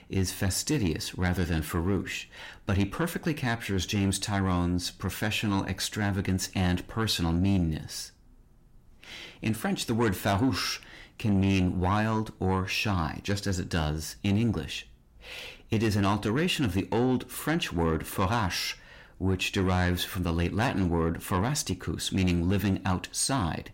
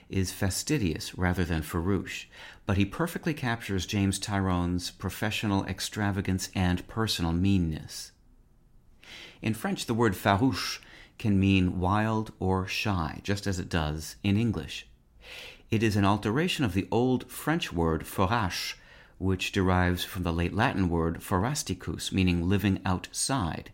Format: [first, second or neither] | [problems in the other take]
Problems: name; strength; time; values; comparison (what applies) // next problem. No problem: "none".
second | distortion; slight; 10 dB below the speech